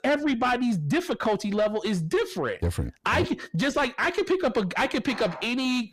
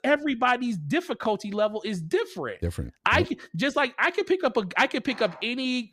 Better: second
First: distortion; heavy; 8 dB below the speech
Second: none

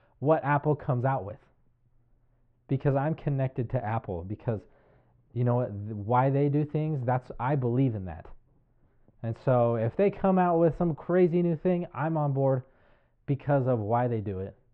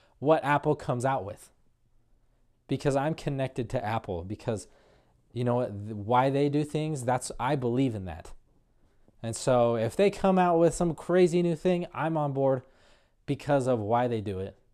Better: second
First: muffled; very; fading above 2 kHz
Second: none

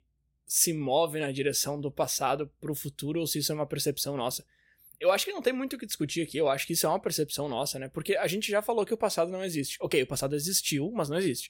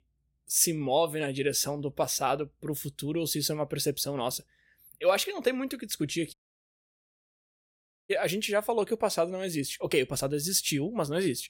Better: first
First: none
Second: audio cutting out; at 6.5 s for 2 s

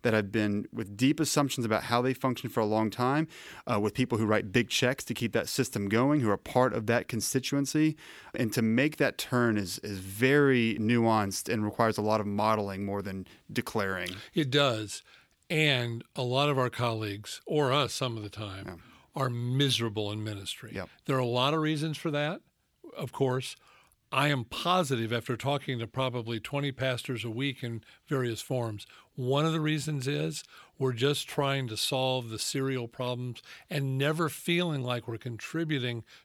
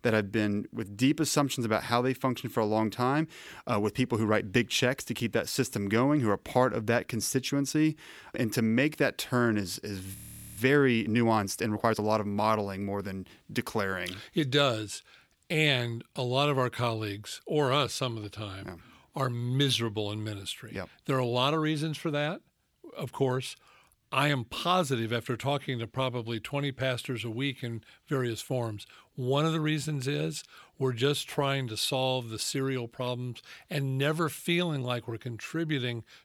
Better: first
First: none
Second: audio freezing; at 10 s

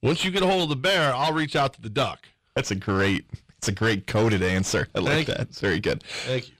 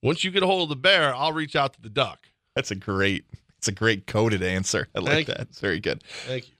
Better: second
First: distortion; heavy; 7 dB below the speech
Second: none

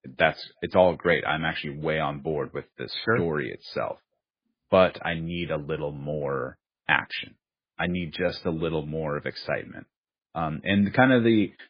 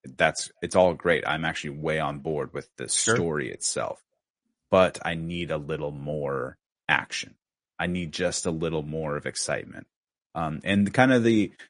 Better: second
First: garbled, watery; badly; nothing above 5 kHz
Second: garbled, watery; slightly; nothing above 10 kHz

